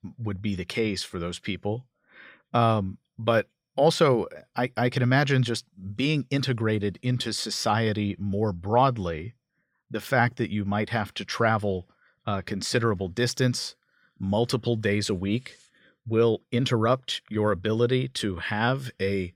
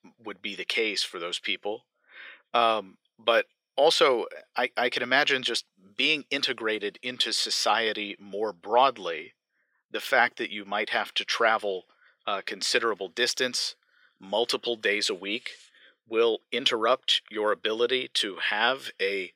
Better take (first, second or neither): first